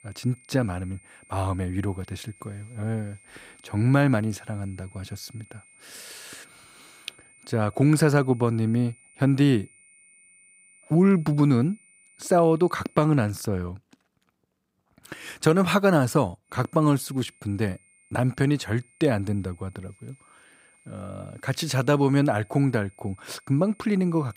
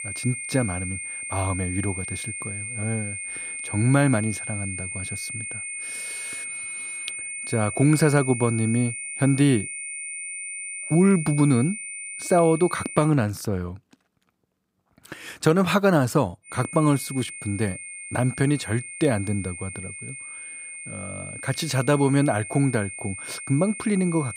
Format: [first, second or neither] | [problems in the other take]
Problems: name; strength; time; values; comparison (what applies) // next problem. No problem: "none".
first | high-pitched whine; loud; until 13 s and from 16 s on; 9 kHz, 8 dB below the speech; faint in the first